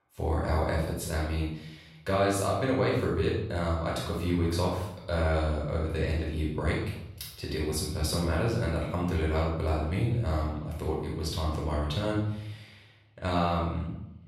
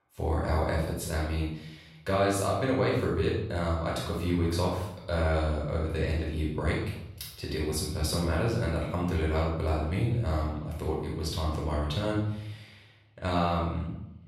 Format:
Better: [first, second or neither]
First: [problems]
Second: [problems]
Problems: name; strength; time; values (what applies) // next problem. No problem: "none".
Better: neither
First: off-mic speech; far // room echo; noticeable; dies away in 0.7 s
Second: off-mic speech; far // room echo; noticeable; dies away in 0.7 s